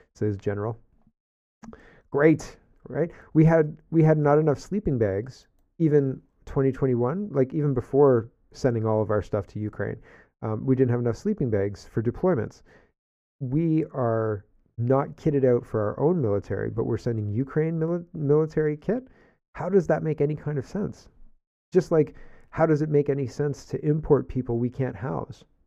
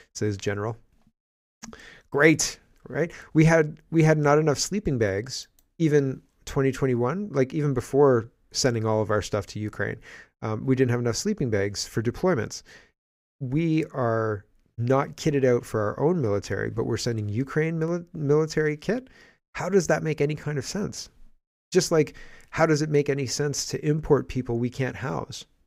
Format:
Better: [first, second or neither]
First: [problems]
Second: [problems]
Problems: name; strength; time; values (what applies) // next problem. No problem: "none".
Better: second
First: muffled; very; fading above 2 kHz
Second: none